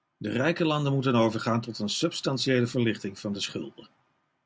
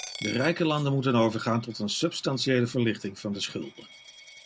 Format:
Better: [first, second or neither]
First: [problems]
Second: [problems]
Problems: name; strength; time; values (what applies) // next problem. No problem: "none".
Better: first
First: none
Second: background sound (Coin (dropping)); 17 dB below the speech